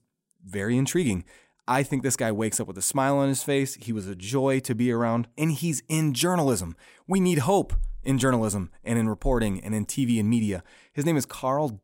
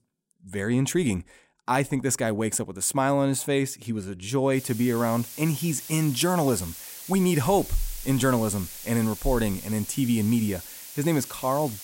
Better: first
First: none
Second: hiss; noticeable; from 4.5 s on; 10 dB below the speech

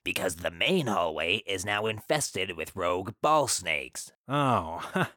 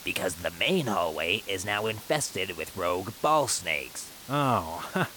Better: first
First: none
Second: hiss; noticeable; throughout; 15 dB below the speech

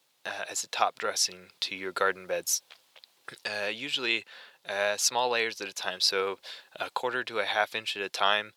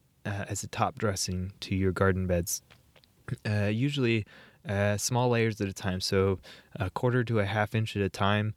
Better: second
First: thin; very; fading below 700 Hz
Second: none

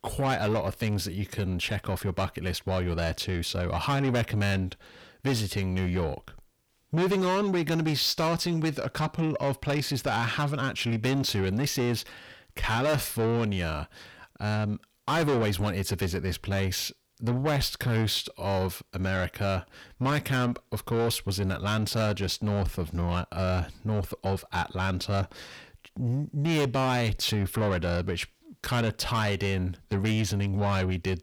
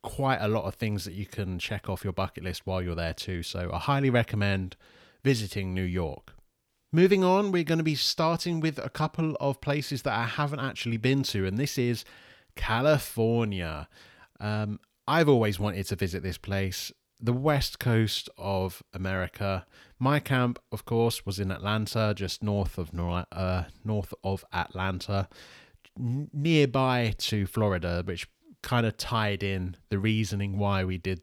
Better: second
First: distortion; heavy; 8 dB below the speech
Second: none

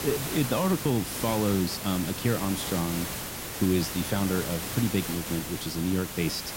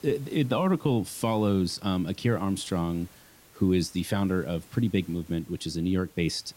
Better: second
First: hiss; loud; throughout; 5 dB below the speech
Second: hiss; faint; throughout; 25 dB below the speech

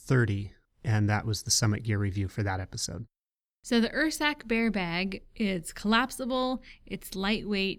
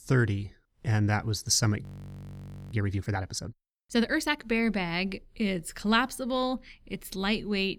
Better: first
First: none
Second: audio freezing; at 2 s for 1 s

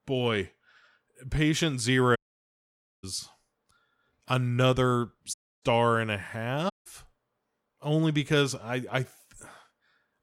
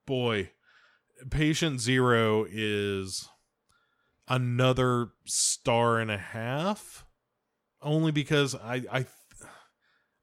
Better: second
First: audio cutting out; at 2 s for 1 s, at 5.5 s and at 6.5 s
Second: none

